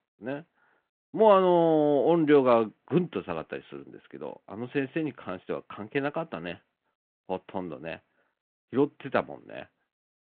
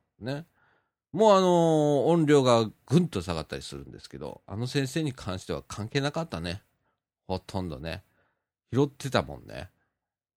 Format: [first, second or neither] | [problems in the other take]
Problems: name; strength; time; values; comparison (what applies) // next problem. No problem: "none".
second | phone-call audio; nothing above 3.5 kHz